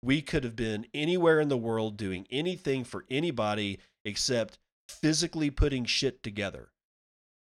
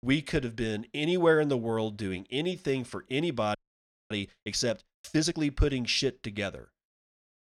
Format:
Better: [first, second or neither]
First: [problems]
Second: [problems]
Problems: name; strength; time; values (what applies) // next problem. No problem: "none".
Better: first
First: none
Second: audio freezing; at 3.5 s for 0.5 s